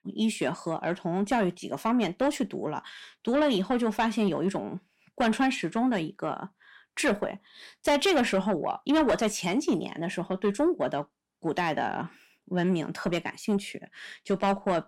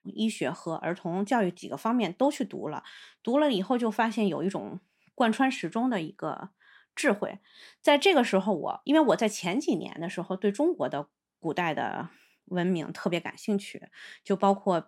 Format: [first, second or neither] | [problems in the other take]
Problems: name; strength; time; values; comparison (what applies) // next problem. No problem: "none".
second | distortion; slight; 10 dB below the speech